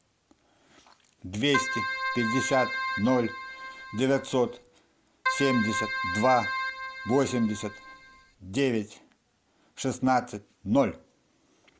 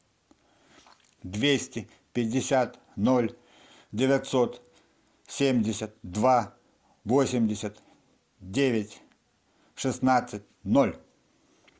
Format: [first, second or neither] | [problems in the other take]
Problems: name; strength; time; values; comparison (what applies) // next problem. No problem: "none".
second | background sound (Keyboard (musical)); 3 dB below the speech